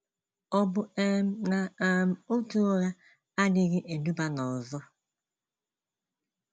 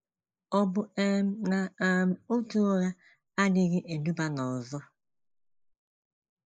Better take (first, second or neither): first